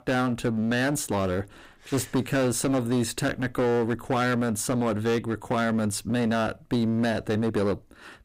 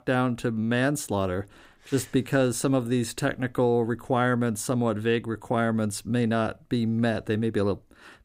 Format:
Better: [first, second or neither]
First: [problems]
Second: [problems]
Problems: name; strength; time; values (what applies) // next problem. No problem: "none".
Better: second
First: distortion; heavy; 15% of the sound clipped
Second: none